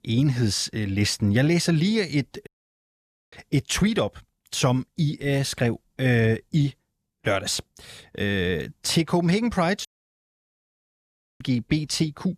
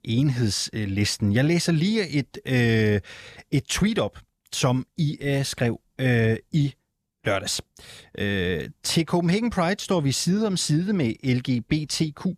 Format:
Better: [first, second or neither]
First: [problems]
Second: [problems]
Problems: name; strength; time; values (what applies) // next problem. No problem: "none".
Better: second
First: audio cutting out; at 2.5 s for 1 s and at 10 s for 1.5 s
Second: none